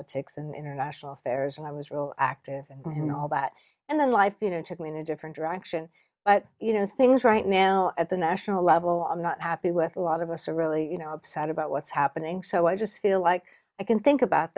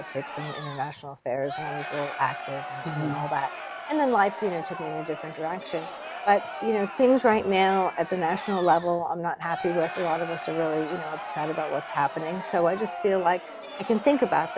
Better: first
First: none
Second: background sound (Crowd); 10 dB below the speech

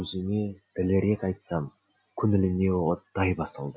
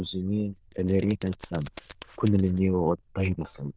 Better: first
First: none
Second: noise reduction (neural diffusion model UNIVERSE++)

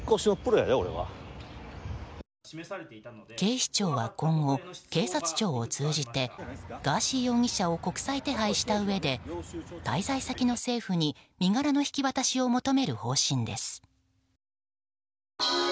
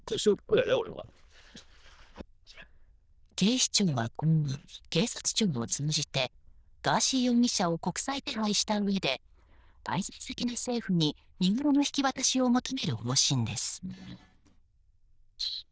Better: first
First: none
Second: noise reduction (neural diffusion model UNIVERSE++)

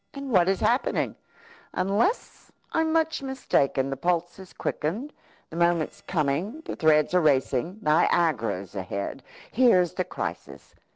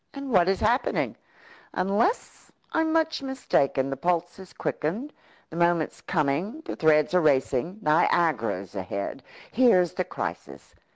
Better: second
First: noise reduction (neural separator model SepFormer DNS4)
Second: none

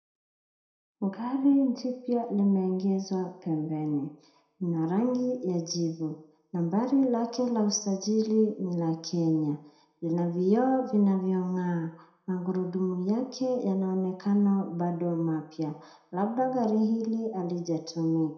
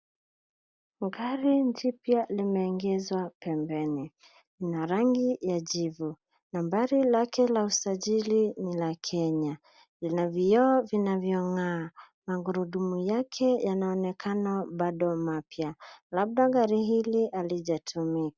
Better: second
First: room echo; dies away in 0.6 s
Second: none

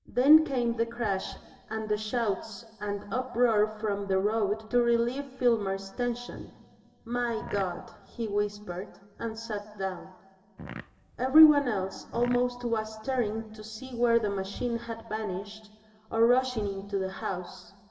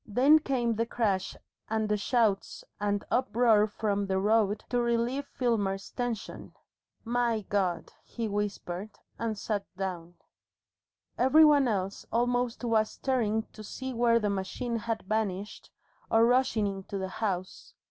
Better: second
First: background sound (Fart); 15 dB below the speech // room echo; dies away in 1.9 s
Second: none

